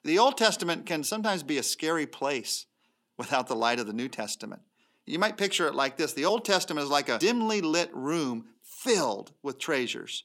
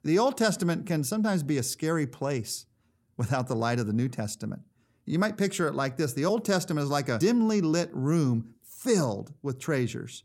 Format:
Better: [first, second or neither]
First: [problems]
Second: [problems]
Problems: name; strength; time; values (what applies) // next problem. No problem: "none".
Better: second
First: thin; somewhat; fading below 250 Hz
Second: none